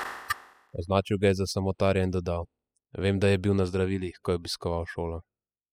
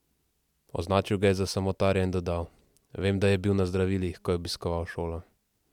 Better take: second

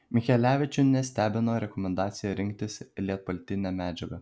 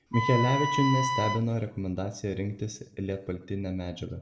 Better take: first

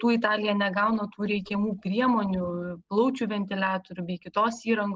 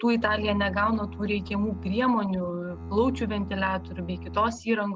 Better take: first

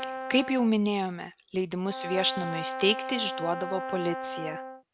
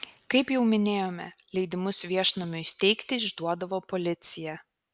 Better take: second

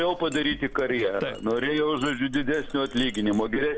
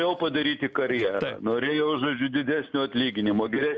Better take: second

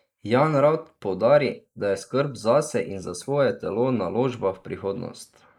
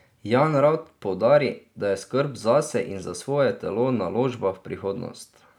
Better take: second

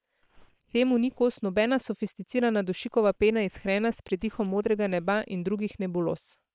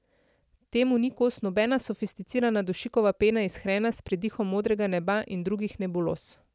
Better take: second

